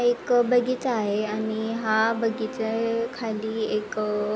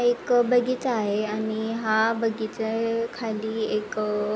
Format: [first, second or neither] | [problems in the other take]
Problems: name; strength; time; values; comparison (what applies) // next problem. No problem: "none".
second | background sound (Bowed string instrument); 17 dB below the speech